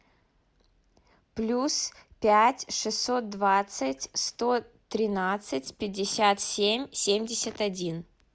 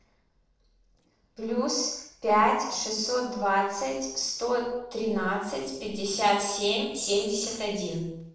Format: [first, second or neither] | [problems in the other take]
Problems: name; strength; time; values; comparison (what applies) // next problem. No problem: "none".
first | noise reduction (neural separator model SepFormer DNS4)